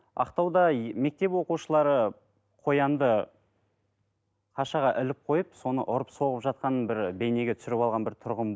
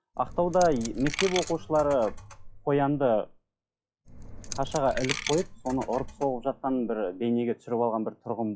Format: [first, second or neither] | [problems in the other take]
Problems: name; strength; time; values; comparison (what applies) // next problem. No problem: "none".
first | noise reduction (classical method WPE with log-MMSE)